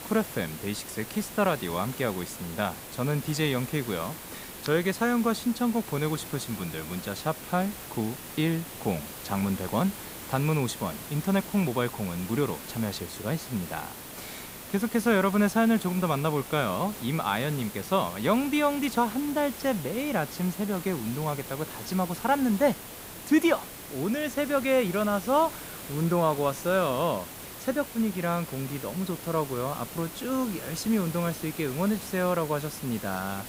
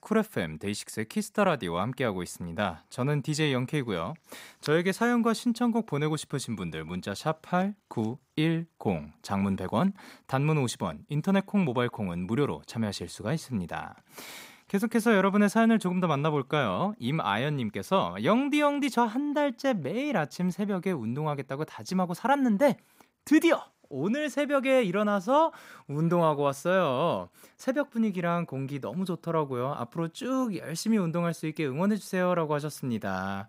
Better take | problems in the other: second | hiss; noticeable; throughout; 10 dB below the speech

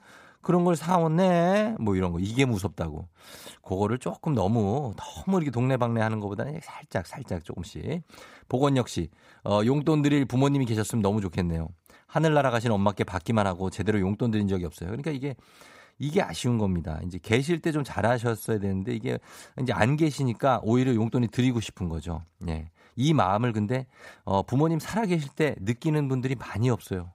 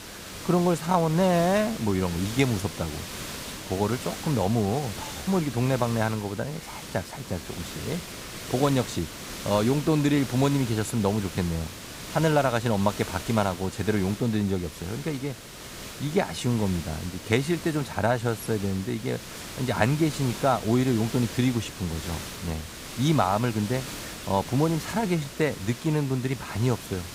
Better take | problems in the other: first | hiss; noticeable; throughout; 10 dB below the speech

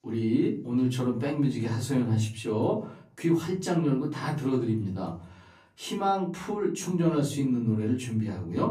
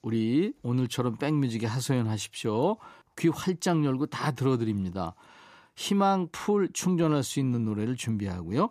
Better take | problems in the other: second | off-mic speech; far // room echo; slight; dies away in 0.5 s

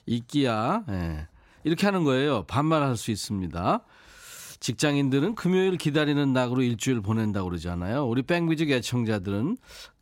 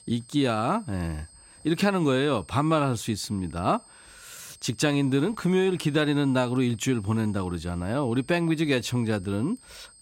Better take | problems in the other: first | high-pitched whine; faint; throughout; 8.5 kHz, 25 dB below the speech

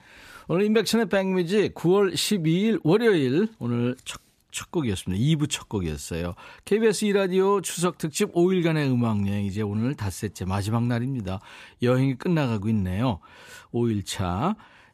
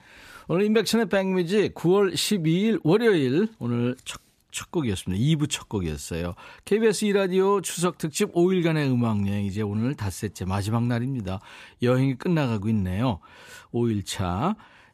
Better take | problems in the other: neither | none

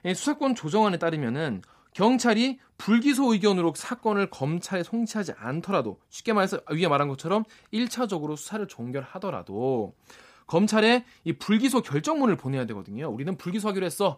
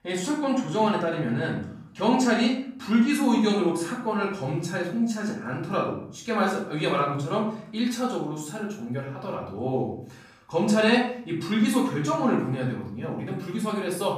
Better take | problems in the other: first | off-mic speech; far // room echo; noticeable; dies away in 0.5 s

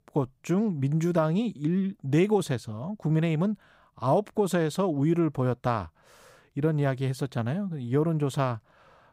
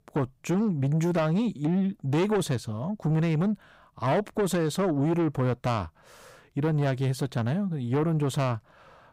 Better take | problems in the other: first | distortion; slight; 10 dB below the speech

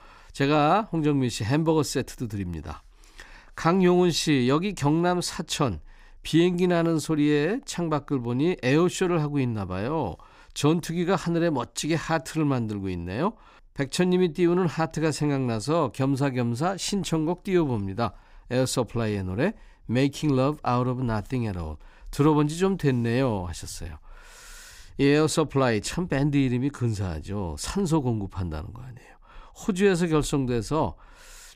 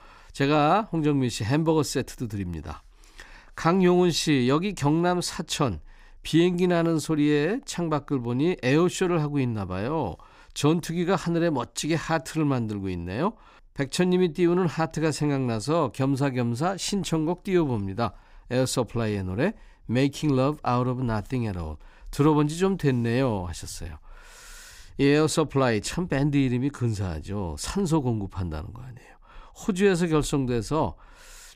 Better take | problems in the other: neither | none

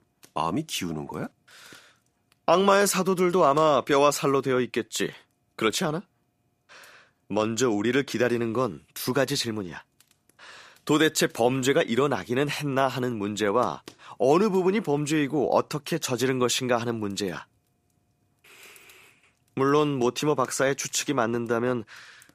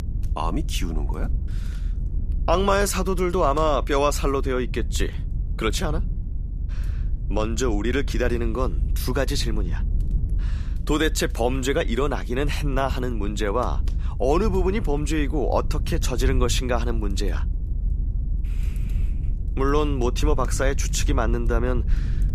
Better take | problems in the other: first | low rumble; faint; throughout; 20 dB below the speech

